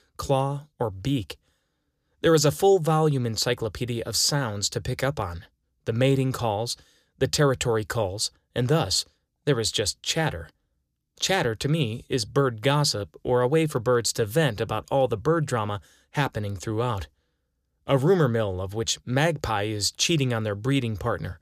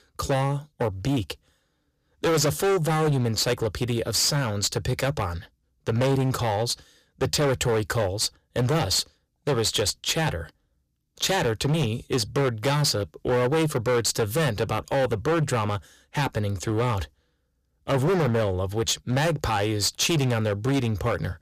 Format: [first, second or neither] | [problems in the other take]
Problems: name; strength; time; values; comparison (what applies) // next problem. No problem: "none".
first | distortion; heavy; 14% of the sound clipped